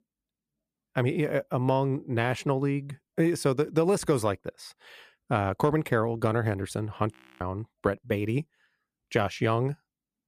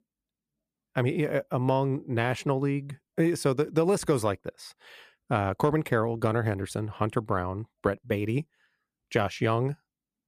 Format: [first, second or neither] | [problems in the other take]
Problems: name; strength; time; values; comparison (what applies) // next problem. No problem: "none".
second | audio freezing; at 7 s